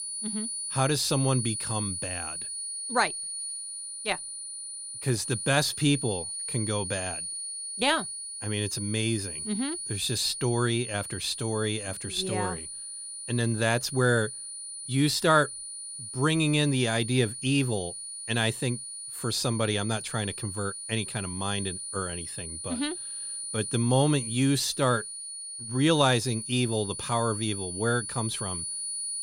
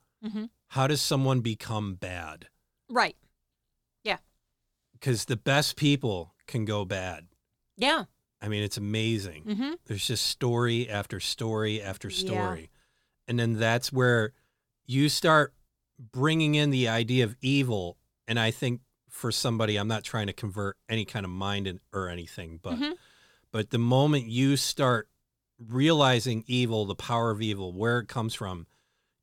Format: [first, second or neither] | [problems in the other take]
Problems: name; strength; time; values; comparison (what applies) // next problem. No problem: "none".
second | high-pitched whine; loud; throughout; 9.5 kHz, 6 dB below the speech